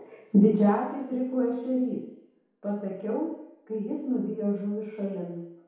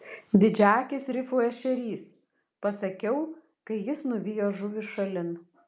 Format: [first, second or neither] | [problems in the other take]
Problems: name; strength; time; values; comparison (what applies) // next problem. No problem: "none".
second | room echo; dies away in 2 s